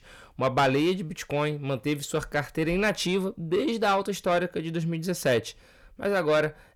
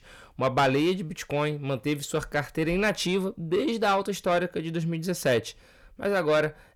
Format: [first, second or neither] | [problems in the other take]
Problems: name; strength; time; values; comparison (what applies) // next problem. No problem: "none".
neither | distortion; slight; 10 dB below the speech; the same in both